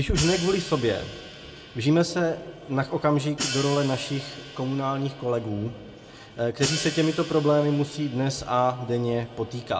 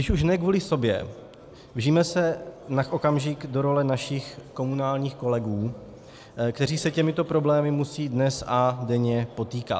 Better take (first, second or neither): second